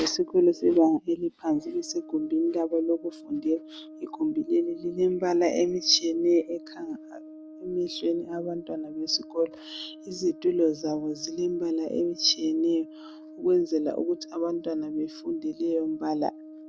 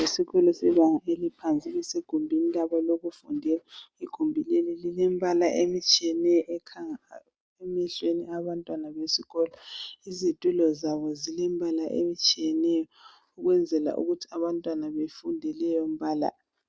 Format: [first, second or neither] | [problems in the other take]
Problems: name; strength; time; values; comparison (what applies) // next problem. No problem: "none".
second | background sound (Brass instrument); 18 dB below the speech